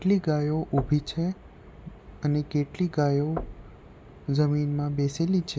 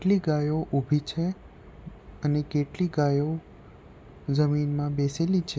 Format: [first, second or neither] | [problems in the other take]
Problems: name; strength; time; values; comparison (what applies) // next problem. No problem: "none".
second | background sound (Knock / Wood); 16 dB below the speech